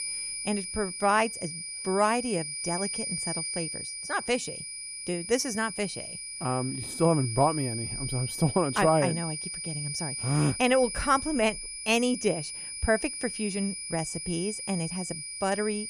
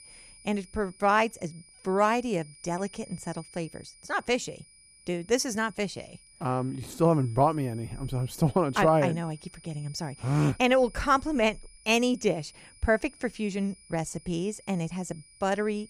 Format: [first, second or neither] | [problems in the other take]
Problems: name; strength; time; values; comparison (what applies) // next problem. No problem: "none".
second | high-pitched whine; loud; throughout; 9.5 kHz, 5 dB below the speech; faint in the second